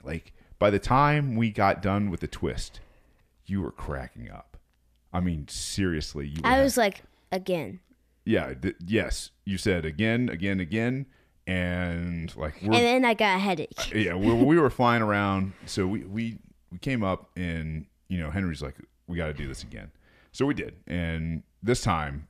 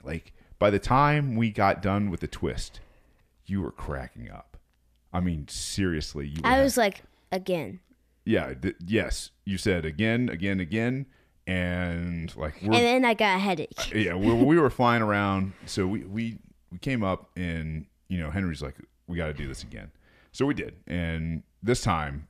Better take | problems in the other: neither | none

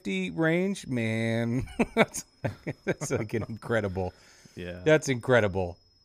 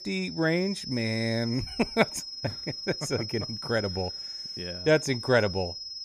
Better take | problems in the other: first | high-pitched whine; loud; throughout; 5 kHz, 7 dB below the speech; faint in the first

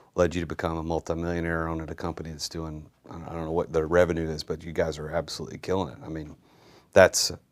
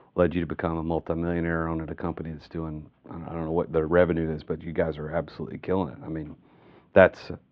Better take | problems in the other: first | muffled; very; fading above 3 kHz

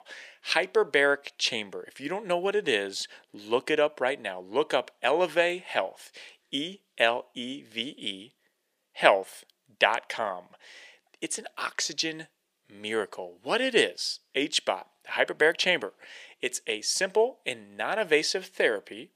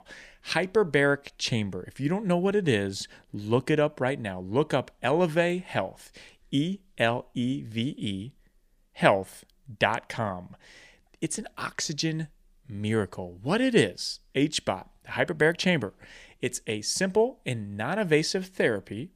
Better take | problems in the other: second | thin; somewhat; fading below 500 Hz

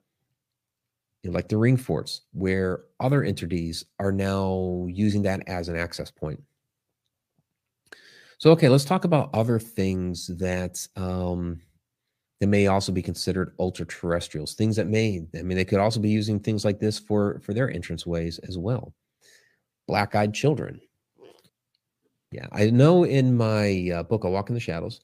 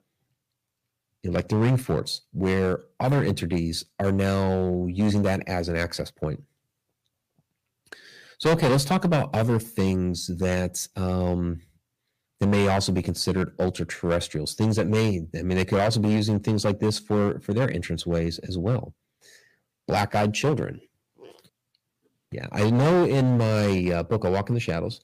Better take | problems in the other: first | distortion; heavy; 7% of the sound clipped

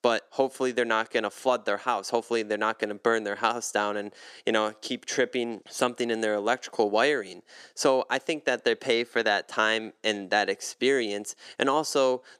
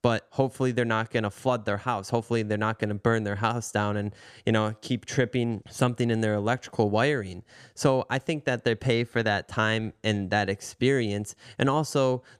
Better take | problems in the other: second | thin; somewhat; fading below 300 Hz

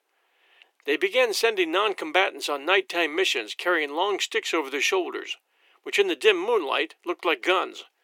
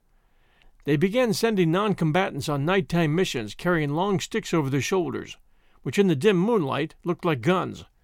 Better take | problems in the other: second | thin; very; fading below 350 Hz

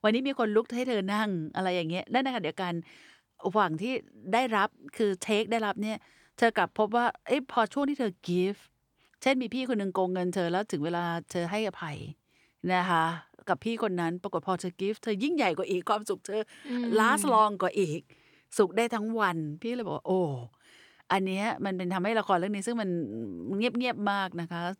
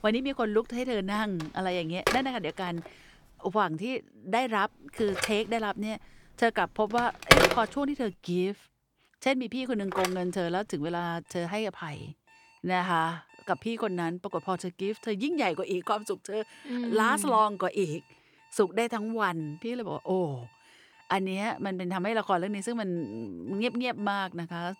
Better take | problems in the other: first | alarms or sirens; very loud; throughout; 4 dB above the speech

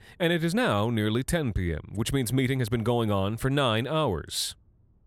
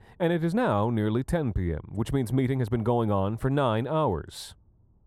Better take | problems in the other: first | muffled; slightly; fading above 1.5 kHz

